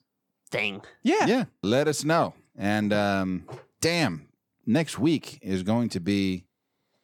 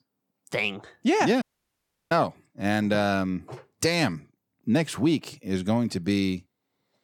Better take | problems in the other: first | audio cutting out; at 1.5 s for 0.5 s

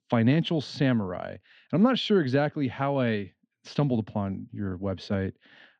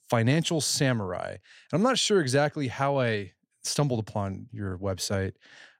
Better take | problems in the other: second | muffled; slightly; fading above 3.5 kHz

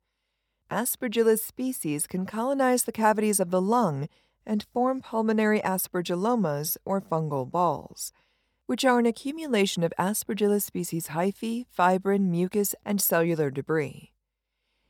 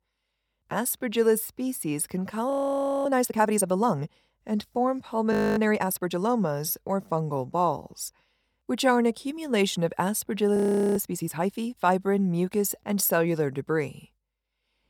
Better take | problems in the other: first | audio freezing; at 2.5 s for 0.5 s, at 5.5 s and at 11 s

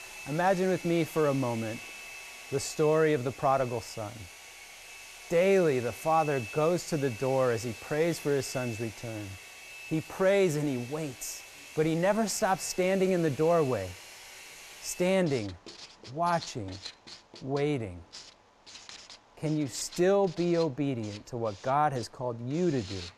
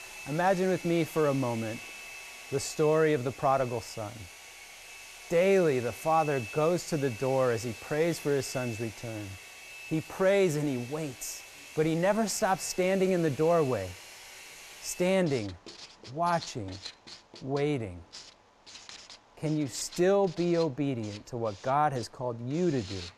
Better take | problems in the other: neither | household noises; noticeable; throughout; 15 dB below the speech; the same in both

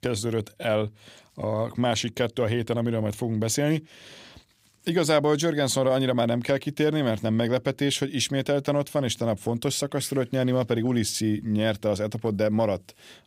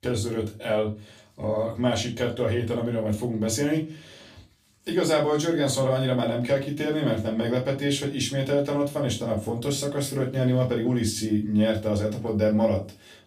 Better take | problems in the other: first | off-mic speech; far // room echo; very slight; dies away in 0.3 s

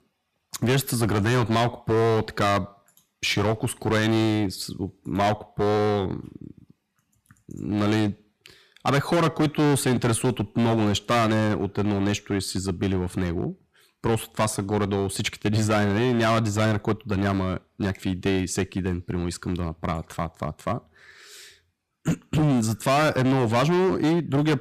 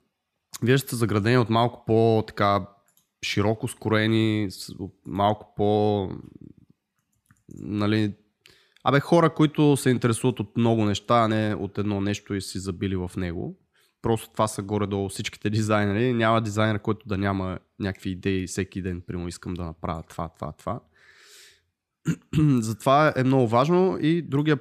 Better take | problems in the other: second | distortion; heavy; 13% of the sound clipped

